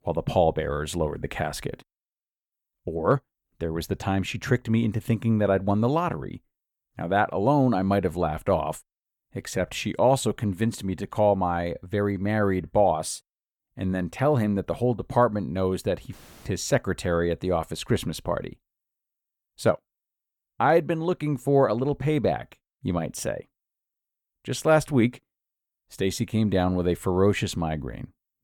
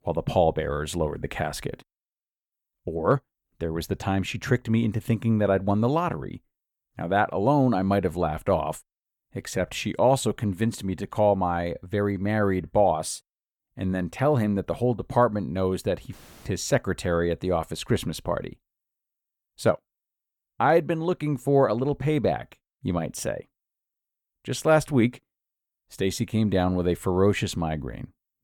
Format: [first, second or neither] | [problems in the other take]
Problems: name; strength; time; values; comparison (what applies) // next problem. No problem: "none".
neither | none